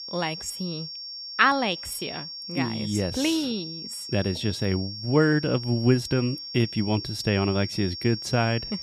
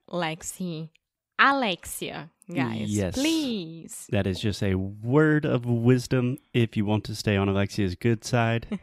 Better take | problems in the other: second | high-pitched whine; loud; throughout; 5.5 kHz, 9 dB below the speech

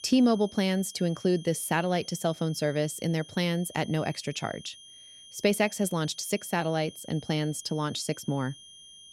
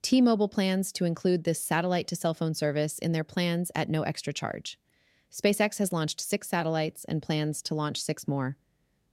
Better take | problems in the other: second | high-pitched whine; noticeable; throughout; 3 kHz, 20 dB below the speech

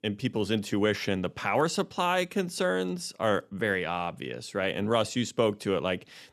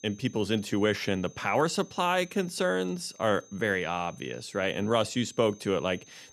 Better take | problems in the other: first | high-pitched whine; faint; throughout; 6.5 kHz, 25 dB below the speech

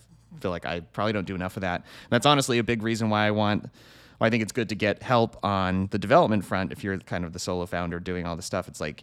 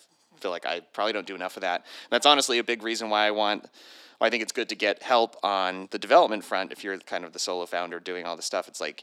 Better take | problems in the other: first | thin; somewhat; fading below 300 Hz

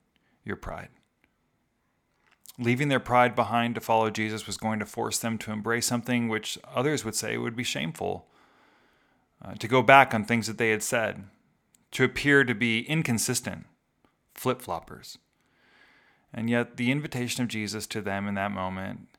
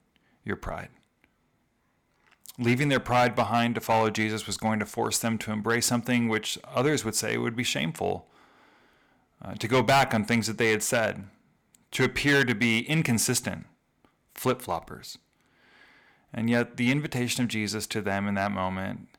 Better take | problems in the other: first | distortion; heavy; 3% of the sound clipped

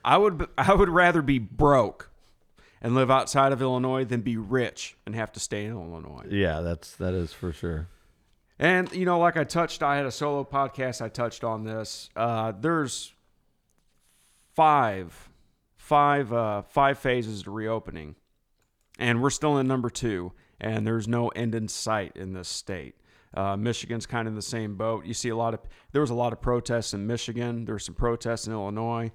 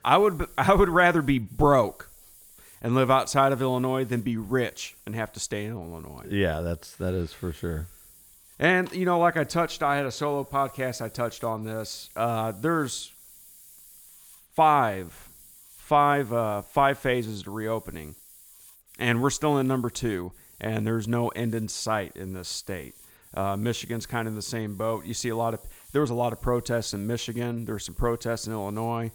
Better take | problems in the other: first | hiss; faint; throughout; 25 dB below the speech

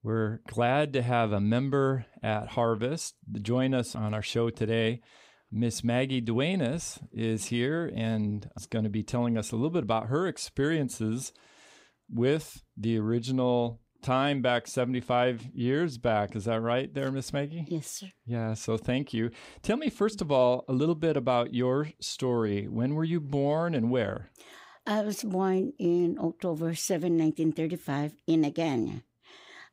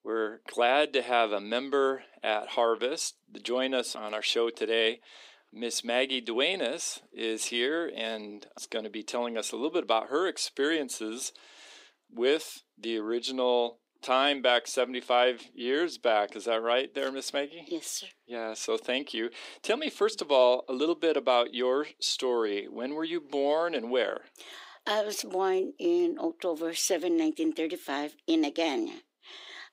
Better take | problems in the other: first | thin; somewhat; fading below 300 Hz

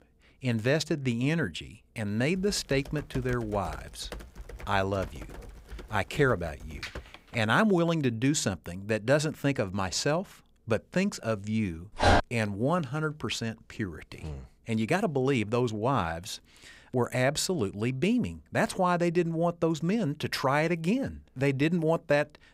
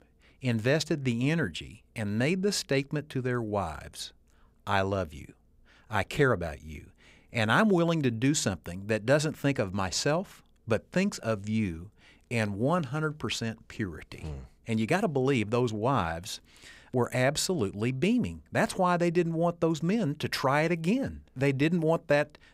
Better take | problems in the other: second | keyboard typing; faint; from 2.5 to 7.5 s; peak 10 dB below the speech // dog barking; loud; at 12 s; peak 5 dB above the speech

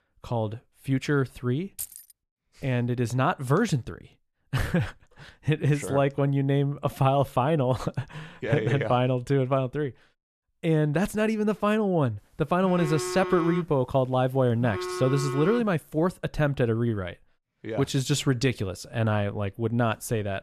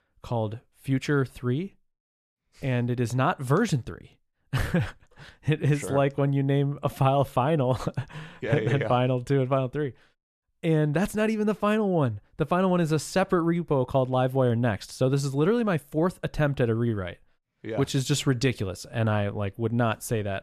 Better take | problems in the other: second | jangling keys; faint; at 2 s; peak 10 dB below the speech // phone ringing; noticeable; from 13 to 16 s; peak 6 dB below the speech

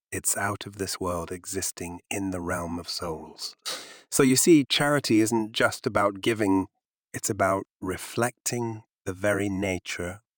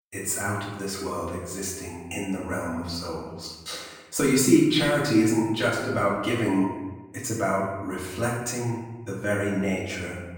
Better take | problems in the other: first | off-mic speech; far // room echo; noticeable; dies away in 1 s

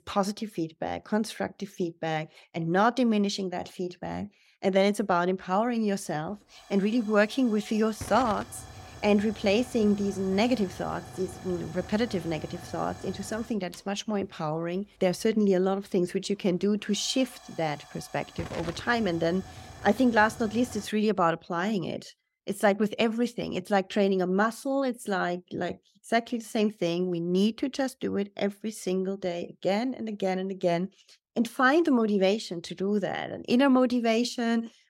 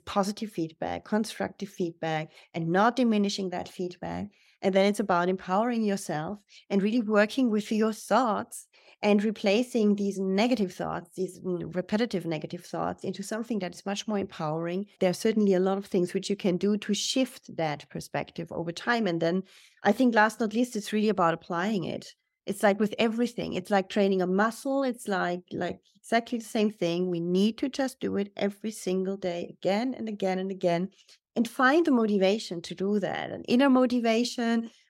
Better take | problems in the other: second | hiss; noticeable; from 5.5 to 21 s; 15 dB below the speech

